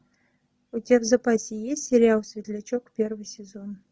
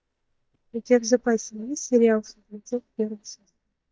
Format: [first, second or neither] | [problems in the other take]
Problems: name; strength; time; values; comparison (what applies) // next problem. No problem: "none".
first | noise reduction (neural mask model DeepFilterNet 3)